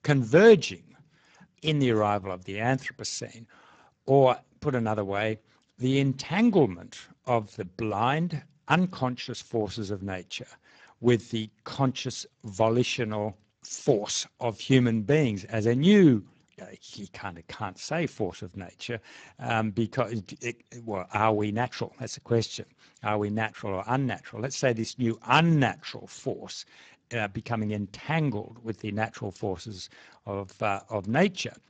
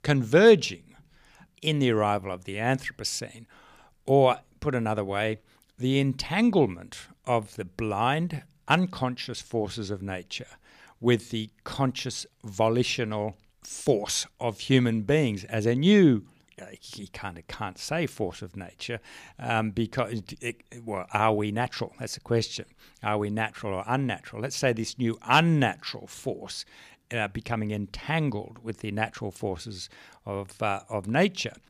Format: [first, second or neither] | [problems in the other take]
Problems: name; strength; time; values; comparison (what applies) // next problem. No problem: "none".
second | garbled, watery; badly; nothing above 7.5 kHz